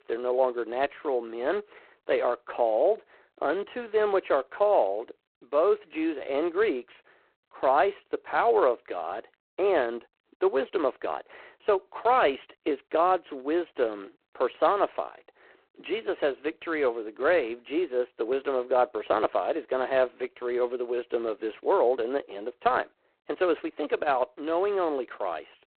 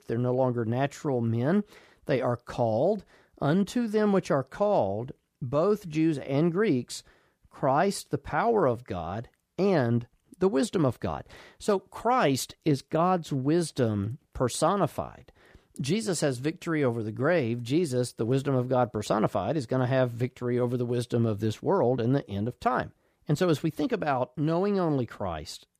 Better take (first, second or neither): second